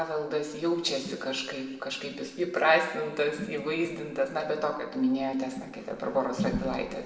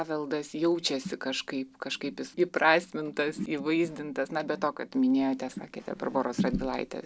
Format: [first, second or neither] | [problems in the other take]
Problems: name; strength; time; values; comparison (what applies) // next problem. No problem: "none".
second | room echo; dies away in 1.1 s